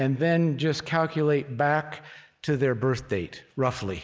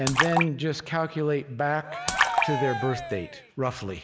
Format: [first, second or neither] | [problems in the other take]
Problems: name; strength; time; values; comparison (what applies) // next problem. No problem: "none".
first | background sound (Cheering + Splash, splatter); 1 dB below the speech